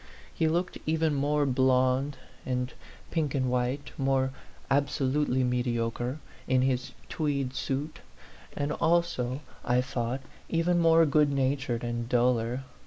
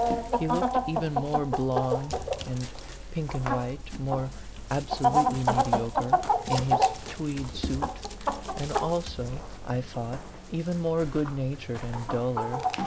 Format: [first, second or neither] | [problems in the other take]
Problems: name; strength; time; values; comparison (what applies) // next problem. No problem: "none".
first | background sound (Chicken, rooster); 2 dB above the speech